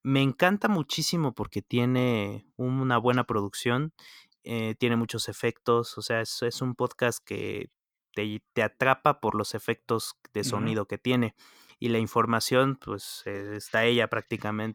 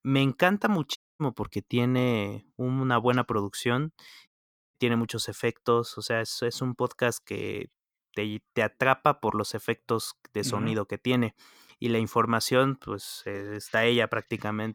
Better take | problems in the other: first | audio cutting out; at 1 s and at 4.5 s

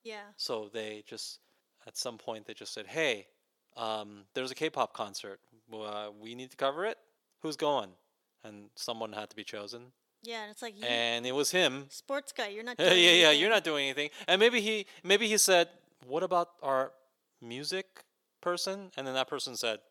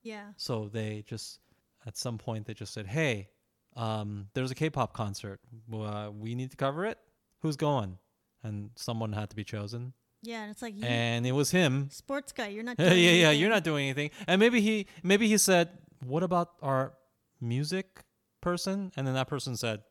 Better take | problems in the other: second | thin; somewhat; fading below 450 Hz

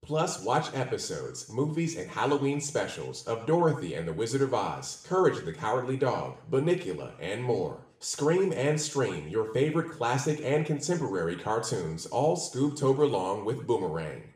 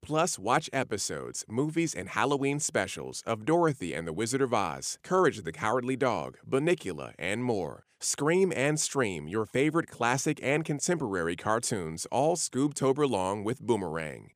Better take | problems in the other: second | room echo; slight; dies away in 0.5 s // off-mic speech; somewhat distant

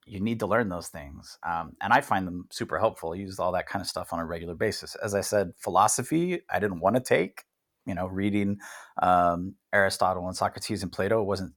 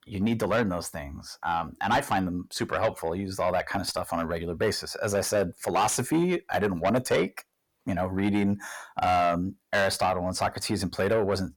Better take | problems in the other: first | distortion; heavy; 7 dB below the speech

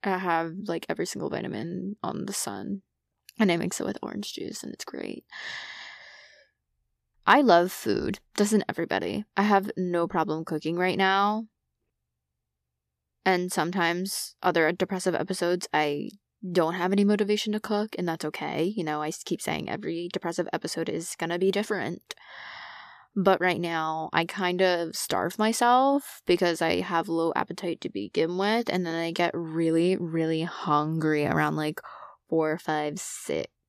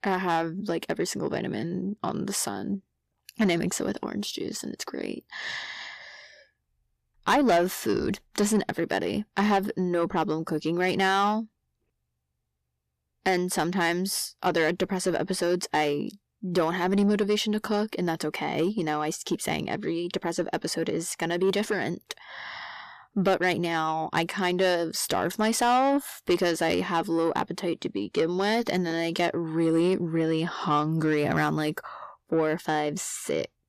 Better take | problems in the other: first | distortion; slight; 10 dB below the speech

